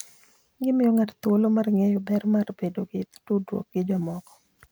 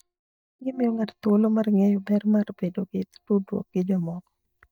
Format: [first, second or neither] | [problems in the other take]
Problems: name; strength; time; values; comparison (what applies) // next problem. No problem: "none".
first | noise reduction (neural mask model DeepFilterNet 3)